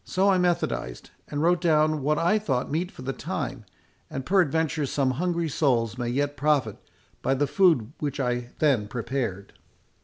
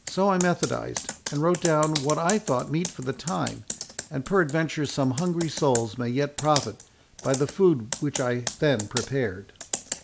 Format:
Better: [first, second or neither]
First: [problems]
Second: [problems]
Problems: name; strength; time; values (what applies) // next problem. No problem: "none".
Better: first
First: none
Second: background sound (Computer keyboard); 11 dB below the speech